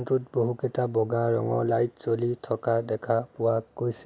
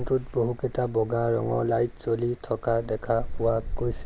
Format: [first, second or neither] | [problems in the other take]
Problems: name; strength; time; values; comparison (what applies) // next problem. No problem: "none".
first | background sound (Wind); 8 dB below the speech